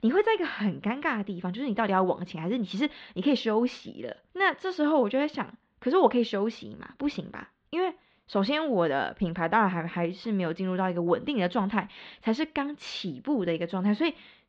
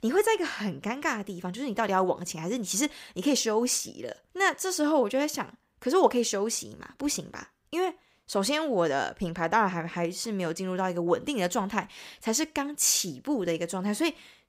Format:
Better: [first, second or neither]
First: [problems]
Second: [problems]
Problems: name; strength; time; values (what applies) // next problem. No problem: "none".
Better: second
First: muffled; very; fading above 4 kHz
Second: none